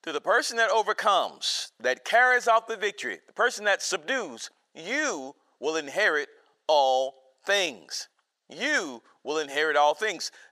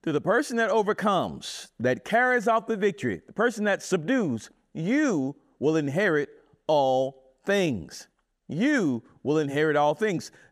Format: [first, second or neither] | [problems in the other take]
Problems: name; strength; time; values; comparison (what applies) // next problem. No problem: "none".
second | thin; very; fading below 750 Hz